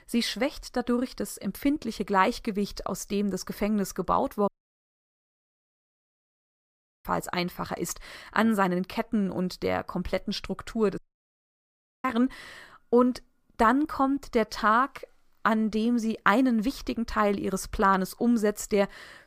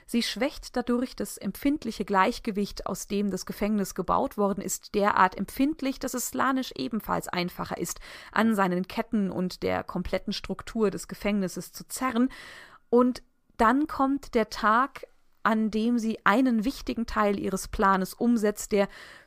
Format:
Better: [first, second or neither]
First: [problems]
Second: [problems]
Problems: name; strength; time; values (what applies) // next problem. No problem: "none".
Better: second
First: audio cutting out; at 4.5 s for 2.5 s and at 11 s for 1 s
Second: none